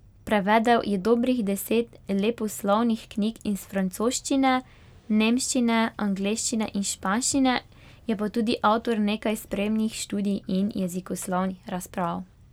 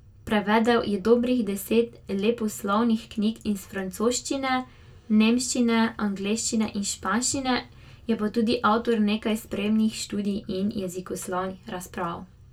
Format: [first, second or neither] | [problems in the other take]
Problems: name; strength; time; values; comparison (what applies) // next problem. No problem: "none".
first | room echo; dies away in 0.2 s